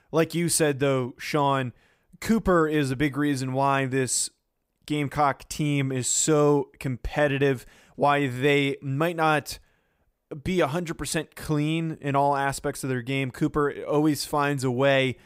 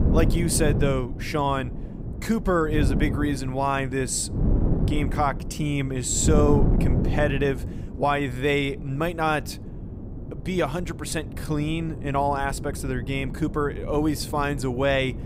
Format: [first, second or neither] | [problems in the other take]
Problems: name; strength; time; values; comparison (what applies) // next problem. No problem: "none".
first | wind noise on the microphone; occasional gusts; 10 dB below the speech